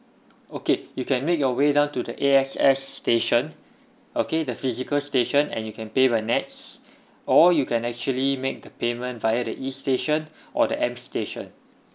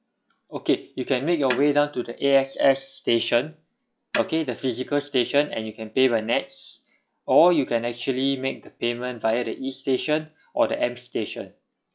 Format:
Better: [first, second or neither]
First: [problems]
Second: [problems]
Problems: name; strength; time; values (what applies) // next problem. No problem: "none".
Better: first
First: none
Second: noise reduction (classical method log-MMSE)